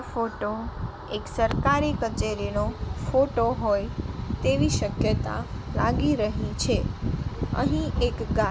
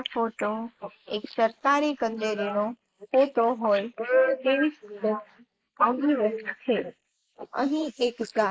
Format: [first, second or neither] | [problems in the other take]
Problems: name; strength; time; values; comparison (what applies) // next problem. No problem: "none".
first | noise reduction (neural mask model Resemble Enhance denoiser)